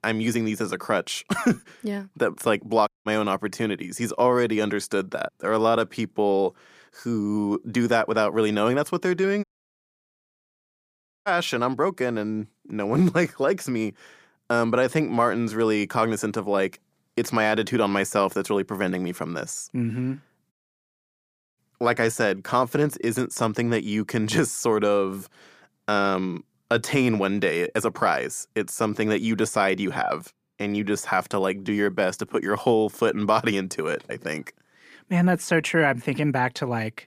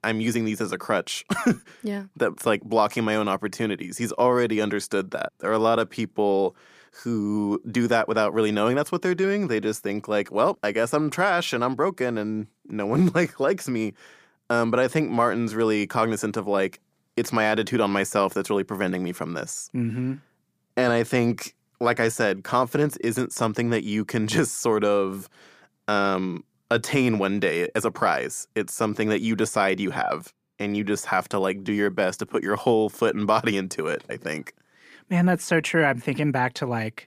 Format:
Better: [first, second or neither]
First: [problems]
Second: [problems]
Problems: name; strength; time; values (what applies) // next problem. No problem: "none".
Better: second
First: audio cutting out; at 3 s, at 9.5 s for 2 s and at 21 s for 1 s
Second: none